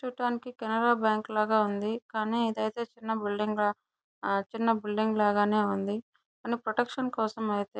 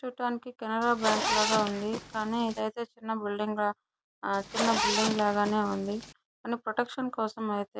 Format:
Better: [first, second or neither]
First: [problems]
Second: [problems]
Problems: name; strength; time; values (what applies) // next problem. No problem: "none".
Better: first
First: none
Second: background sound (Zipper (clothing)); 2 dB below the speech